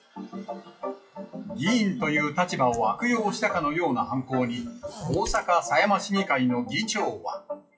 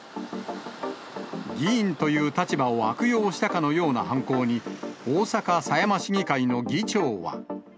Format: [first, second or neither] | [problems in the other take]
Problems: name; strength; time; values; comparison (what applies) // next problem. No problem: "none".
second | noise reduction (classical method WPE with log-MMSE)